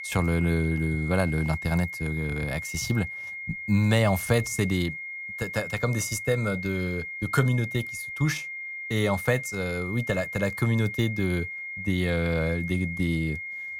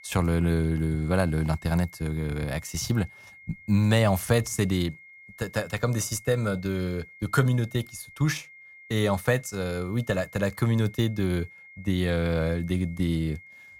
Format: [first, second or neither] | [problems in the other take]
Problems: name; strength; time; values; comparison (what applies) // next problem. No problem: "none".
second | high-pitched whine; loud; throughout; 2 kHz, 7 dB below the speech; faint in the second